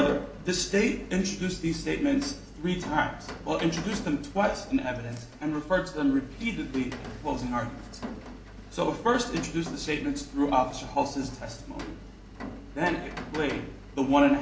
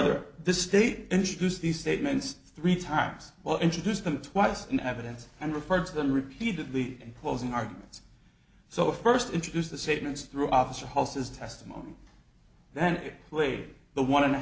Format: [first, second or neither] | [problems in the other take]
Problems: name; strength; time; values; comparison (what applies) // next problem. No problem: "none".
second | background sound (Rain); 13 dB below the speech // room echo; dies away in 0.6 s